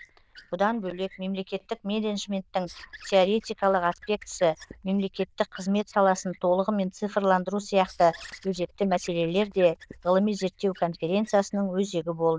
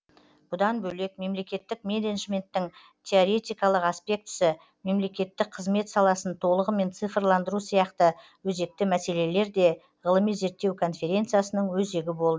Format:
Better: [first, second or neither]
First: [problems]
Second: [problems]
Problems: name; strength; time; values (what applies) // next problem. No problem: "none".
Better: second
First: noise reduction (neural diffusion model UNIVERSE++)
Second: none